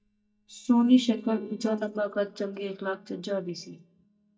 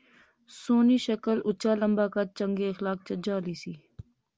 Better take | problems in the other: second | noise reduction (neural mask model DeepFilterNet 3)

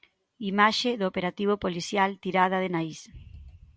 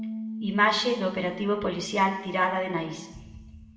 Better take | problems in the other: first | background sound (Bass guitar); 12 dB below the speech // room echo; dies away in 0.9 s

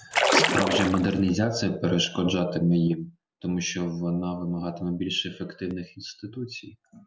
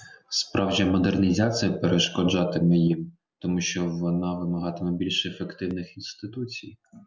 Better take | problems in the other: second | background sound (Splash, splatter); 2 dB above the speech

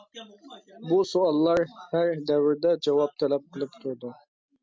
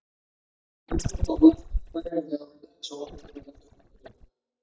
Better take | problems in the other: first | noise reduction (neural mask model DeepFilterNet 3)

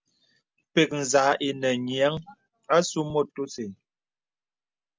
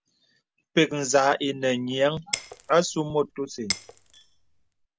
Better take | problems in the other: first | background sound (Shatter); 11 dB below the speech

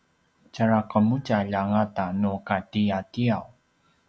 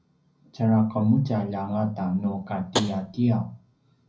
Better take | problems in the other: first | background sound (Tap); 8 dB below the speech // room echo; dies away in 0.4 s

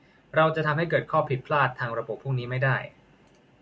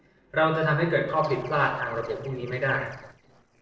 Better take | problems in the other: first | noise reduction (neural separator model SepFormer DNS4)

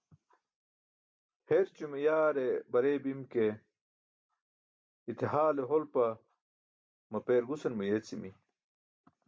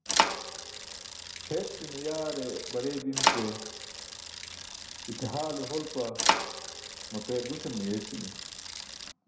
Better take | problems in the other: first | background sound (Bicycle); 3 dB above the speech // room echo; dies away in 0.8 s

